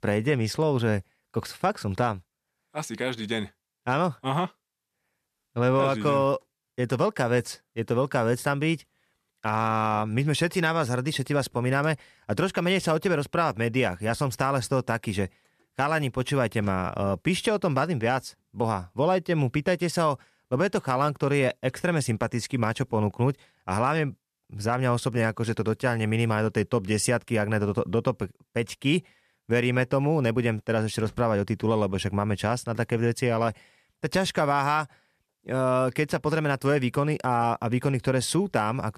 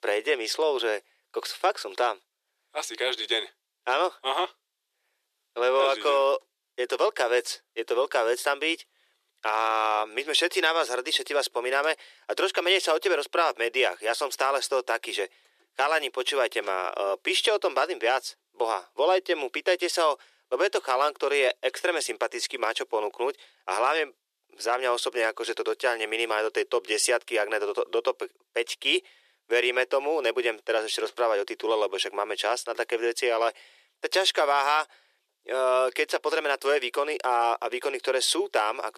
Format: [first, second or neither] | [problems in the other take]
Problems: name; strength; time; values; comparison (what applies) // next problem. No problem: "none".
first | thin; very; fading below 350 Hz